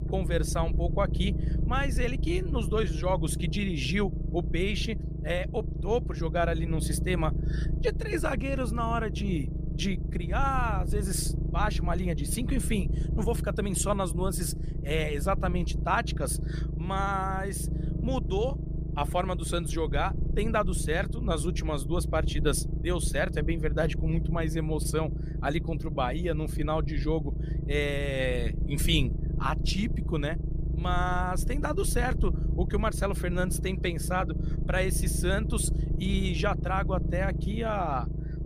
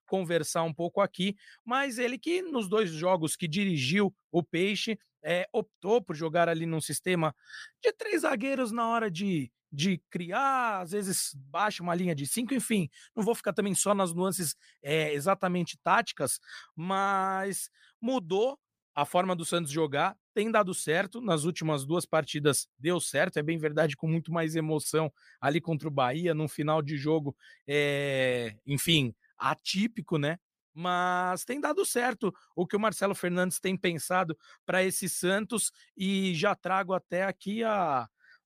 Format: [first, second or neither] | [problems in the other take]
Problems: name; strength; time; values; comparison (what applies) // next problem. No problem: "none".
second | low rumble; noticeable; throughout; 10 dB below the speech